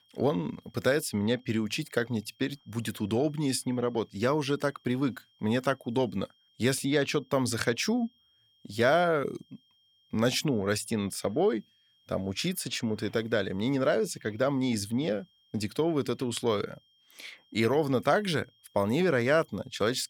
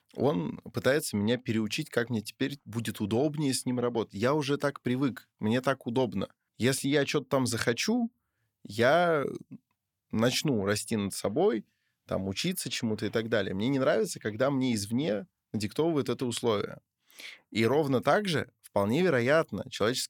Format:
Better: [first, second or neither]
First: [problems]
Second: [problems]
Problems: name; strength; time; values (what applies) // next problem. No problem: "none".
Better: second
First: high-pitched whine; faint; throughout; 3 kHz, 35 dB below the speech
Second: none